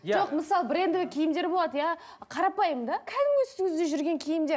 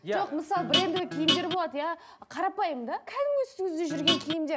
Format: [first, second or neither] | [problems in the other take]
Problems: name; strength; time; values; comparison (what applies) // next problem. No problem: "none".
first | background sound (Guitar); 2 dB above the speech